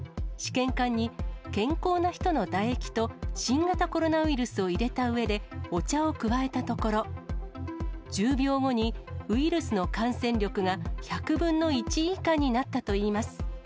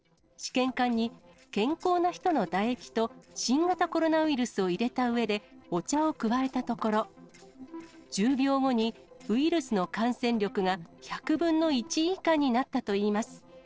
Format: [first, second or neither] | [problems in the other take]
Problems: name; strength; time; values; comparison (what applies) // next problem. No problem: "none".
first | noise reduction (neural separator model SepFormer DNS4)